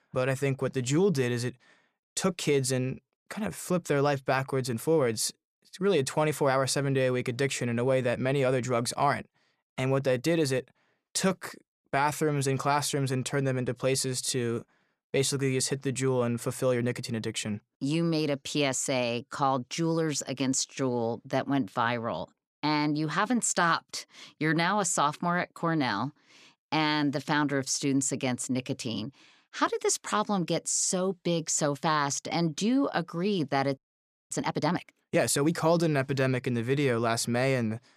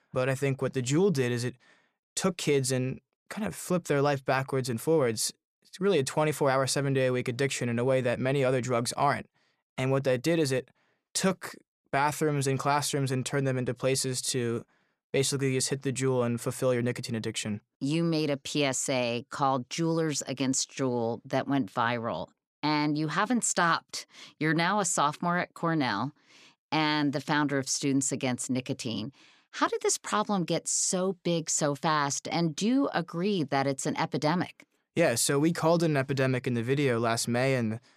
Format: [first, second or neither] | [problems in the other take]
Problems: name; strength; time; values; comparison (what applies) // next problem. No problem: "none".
second | audio freezing; at 34 s for 0.5 s